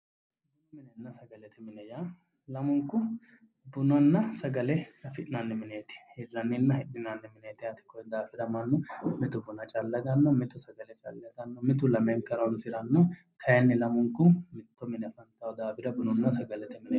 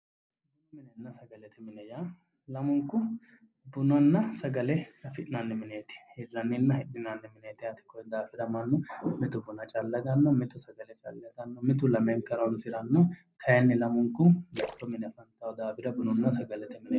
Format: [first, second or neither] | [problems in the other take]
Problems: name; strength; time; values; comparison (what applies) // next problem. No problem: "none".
first | background sound (Splash, splatter); 14 dB below the speech